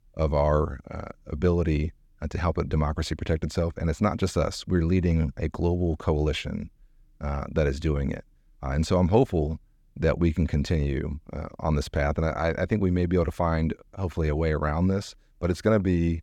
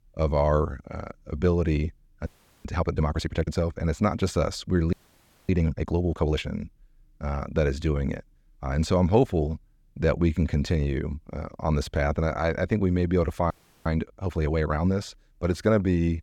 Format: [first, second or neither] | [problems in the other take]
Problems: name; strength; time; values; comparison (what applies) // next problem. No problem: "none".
first | audio freezing; at 2.5 s, at 5 s for 0.5 s and at 14 s